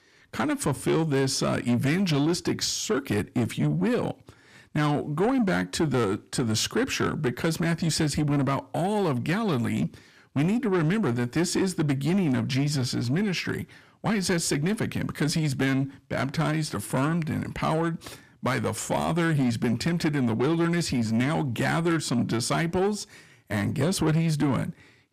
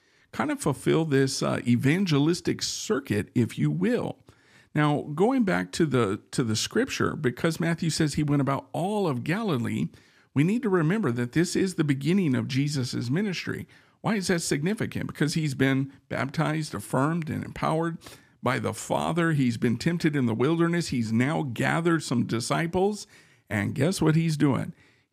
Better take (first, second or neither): second